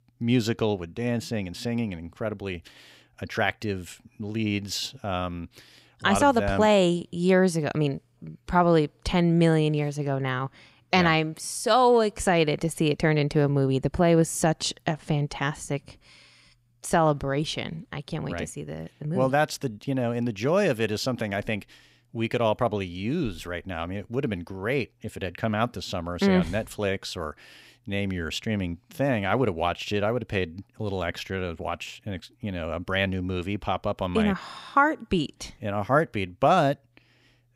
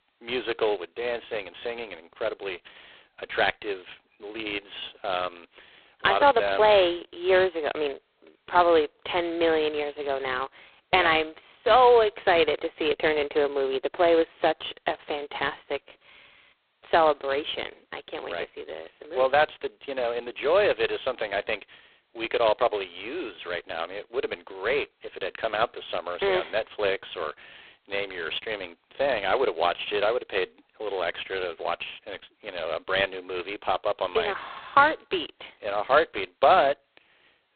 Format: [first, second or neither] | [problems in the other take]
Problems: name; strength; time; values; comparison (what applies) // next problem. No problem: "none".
first | phone-call audio; poor line; nothing above 4 kHz